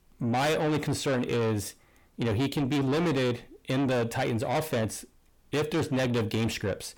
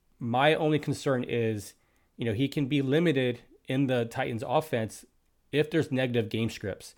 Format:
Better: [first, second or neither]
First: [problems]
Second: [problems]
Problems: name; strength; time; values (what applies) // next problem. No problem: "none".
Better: second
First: distortion; heavy; 6 dB below the speech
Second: none